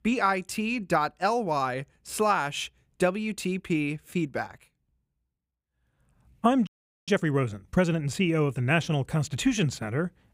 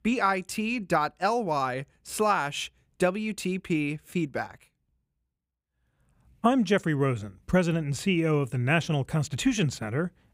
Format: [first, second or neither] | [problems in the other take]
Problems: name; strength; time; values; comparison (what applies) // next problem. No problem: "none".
second | audio freezing; at 6.5 s